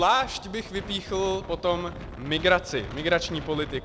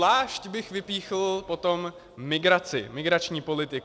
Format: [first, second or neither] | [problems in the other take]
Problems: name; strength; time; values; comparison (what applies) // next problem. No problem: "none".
second | background sound (Wind); 12 dB below the speech